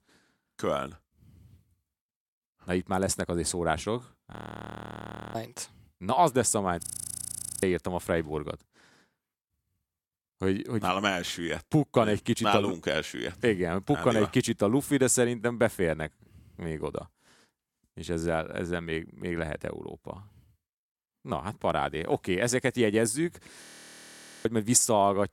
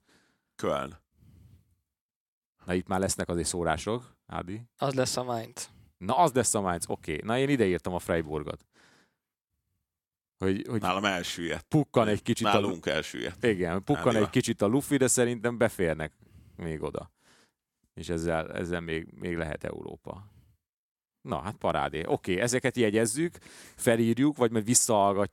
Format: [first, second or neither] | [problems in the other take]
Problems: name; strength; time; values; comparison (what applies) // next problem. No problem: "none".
second | audio freezing; at 4.5 s for 1 s, at 7 s for 1 s and at 24 s for 1 s